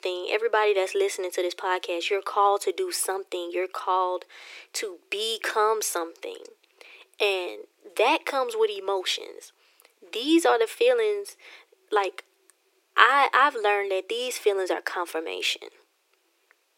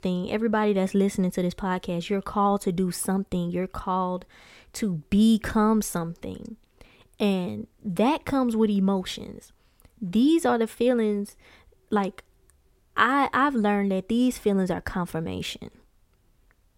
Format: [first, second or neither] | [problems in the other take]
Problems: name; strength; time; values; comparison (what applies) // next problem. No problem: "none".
second | thin; very; fading below 350 Hz